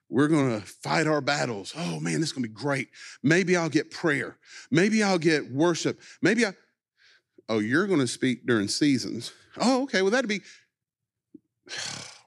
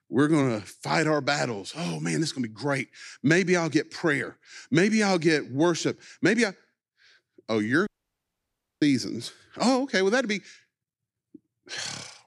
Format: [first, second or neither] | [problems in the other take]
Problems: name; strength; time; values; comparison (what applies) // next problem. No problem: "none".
first | audio cutting out; at 8 s for 1 s